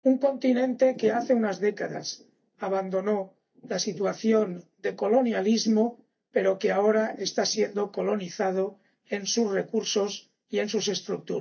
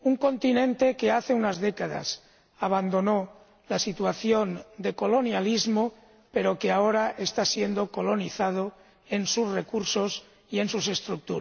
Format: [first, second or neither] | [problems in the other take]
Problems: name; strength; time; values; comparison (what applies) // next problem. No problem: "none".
second | noise reduction (neural mask model DeepFilterNet 3)